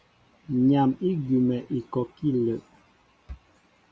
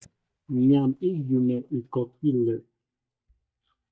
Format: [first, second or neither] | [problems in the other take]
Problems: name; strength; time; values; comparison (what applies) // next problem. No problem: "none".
first | noise reduction (neural mask model DeepFilterNet 3)